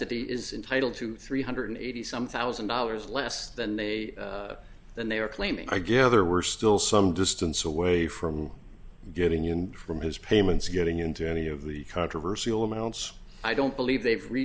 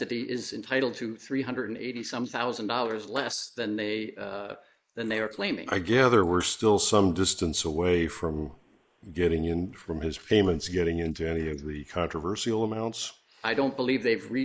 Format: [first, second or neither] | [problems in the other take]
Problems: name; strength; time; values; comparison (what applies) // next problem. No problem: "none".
first | noise reduction (neural mask model Resemble Enhance denoiser)